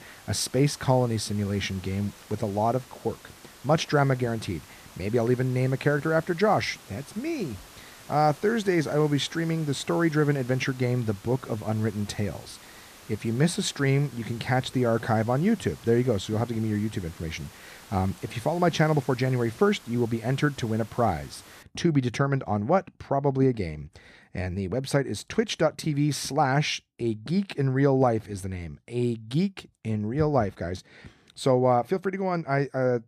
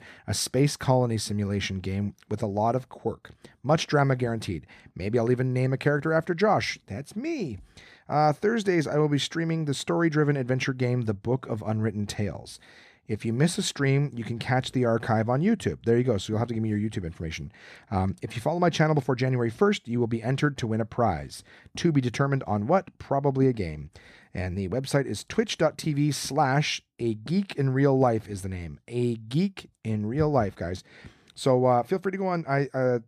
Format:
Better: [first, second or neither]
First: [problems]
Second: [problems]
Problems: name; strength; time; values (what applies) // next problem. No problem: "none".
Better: second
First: hiss; faint; until 22 s; 20 dB below the speech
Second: none